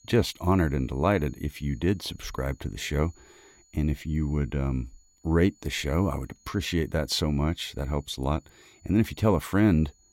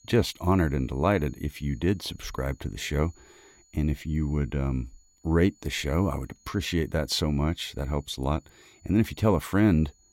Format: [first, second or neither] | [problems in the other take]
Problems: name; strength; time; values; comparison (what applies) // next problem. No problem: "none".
neither | high-pitched whine; faint; throughout; 6.5 kHz, 30 dB below the speech; the same in both